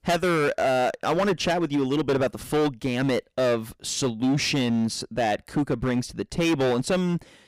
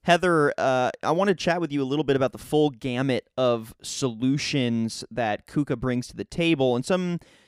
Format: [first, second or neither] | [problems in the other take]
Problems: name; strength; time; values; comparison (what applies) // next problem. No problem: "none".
second | distortion; heavy; 15% of the sound clipped